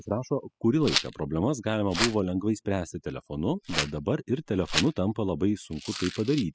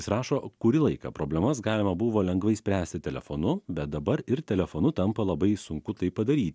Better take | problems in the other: second | noise reduction (classical method spectral subtraction)

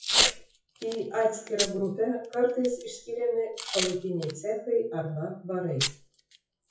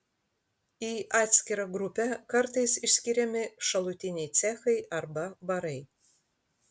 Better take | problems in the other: second | noise reduction (classical method WPE with log-MMSE)

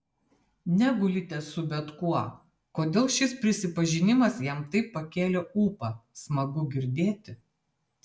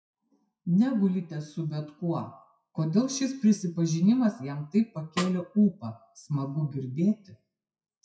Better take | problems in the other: first | noise reduction (classical method WPE with log-MMSE)

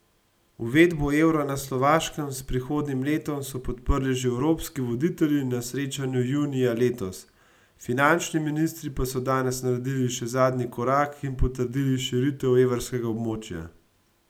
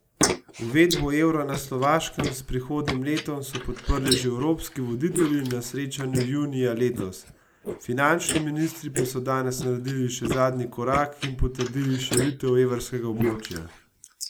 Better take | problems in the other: first | noise reduction (neural mask model Resemble Enhance denoiser)

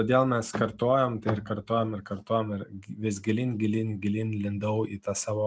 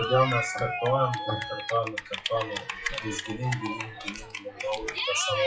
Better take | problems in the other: first | noise reduction (classical method WPE with log-MMSE)

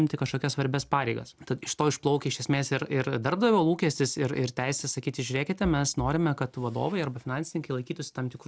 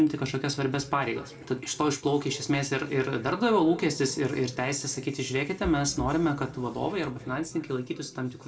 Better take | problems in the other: first | room echo; dies away in 1.7 s

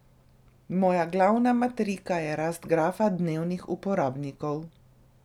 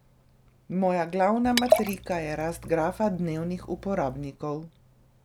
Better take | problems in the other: first | background sound (Liquid); 3 dB below the speech

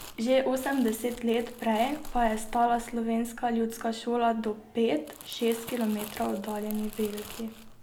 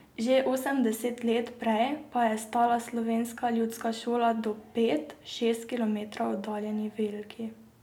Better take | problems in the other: second | background sound (Crumpling, crinkling); 15 dB below the speech

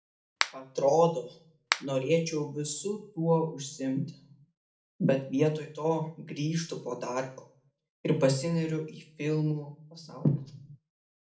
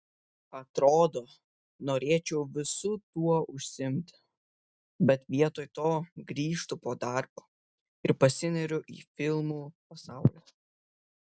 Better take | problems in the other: second | background sound (Finger snapping); 6 dB below the speech // room echo; dies away in 0.4 s

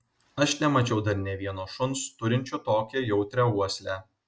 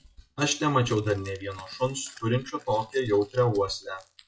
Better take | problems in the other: first | noise reduction (classical method WPE with log-MMSE)

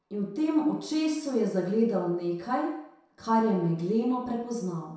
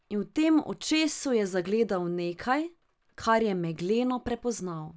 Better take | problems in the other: second | room echo; dies away in 0.7 s

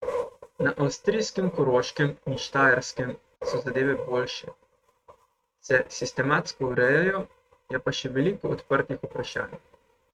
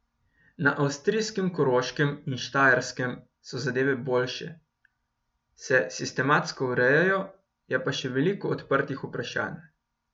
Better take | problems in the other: second | noise reduction (neural mask model RNNoise)

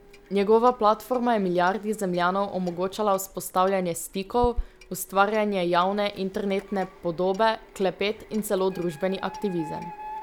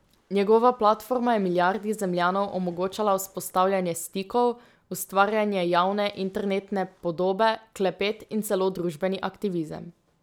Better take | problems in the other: second | background sound (Printer + Clock); 16 dB below the speech

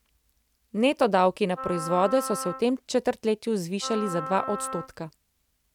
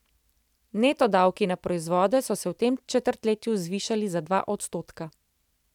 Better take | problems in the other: second | background sound (Wind instrument, woodwind instrument); 10 dB below the speech

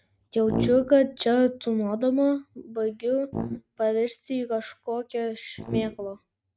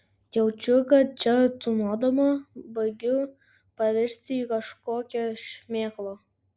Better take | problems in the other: second | noise reduction (neural mask model RNNoise)

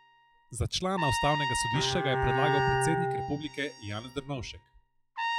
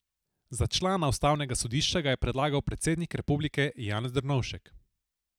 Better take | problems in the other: second | noise reduction (classical method log-MMSE)

